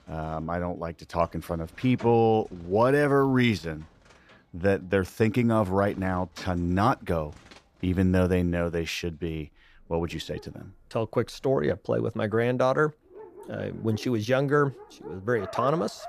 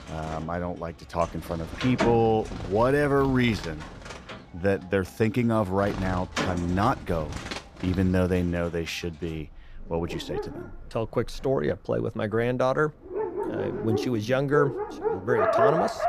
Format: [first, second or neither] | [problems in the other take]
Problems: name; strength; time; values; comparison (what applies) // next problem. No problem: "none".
first | animal sounds; loud; throughout; 5 dB below the speech; faint in the first